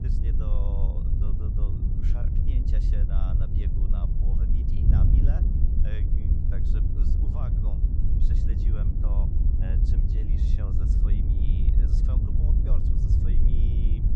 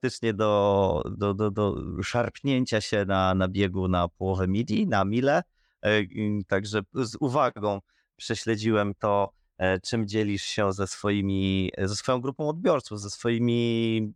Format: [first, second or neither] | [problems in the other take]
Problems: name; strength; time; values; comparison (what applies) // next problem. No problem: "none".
second | wind noise on the microphone; heavy; 5 dB above the speech